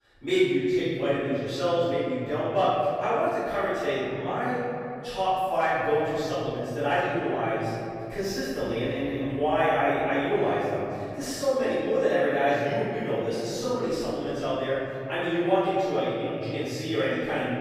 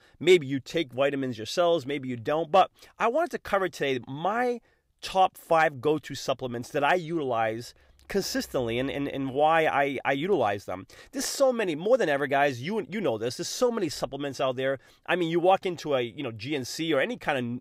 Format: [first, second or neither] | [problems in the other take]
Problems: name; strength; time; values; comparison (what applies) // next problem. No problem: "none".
second | off-mic speech; far // room echo; strong; dies away in 3 s